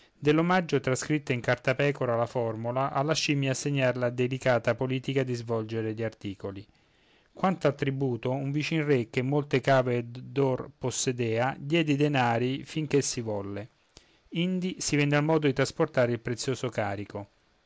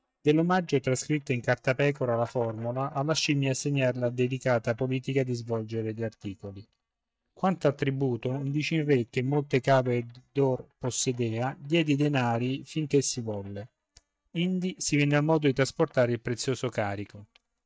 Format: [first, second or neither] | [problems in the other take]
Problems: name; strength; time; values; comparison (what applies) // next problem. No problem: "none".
first | noise reduction (neural mask model DeepFilterNet 3)